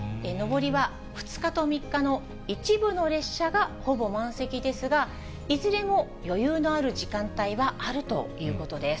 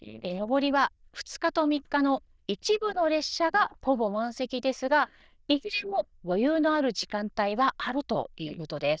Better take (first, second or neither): first